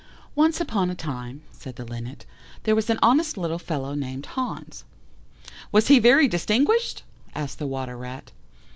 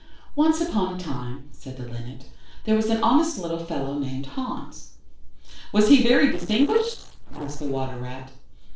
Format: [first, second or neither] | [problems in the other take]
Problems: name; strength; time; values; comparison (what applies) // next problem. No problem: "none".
first | noise reduction (neural separator model SepFormer DNS4)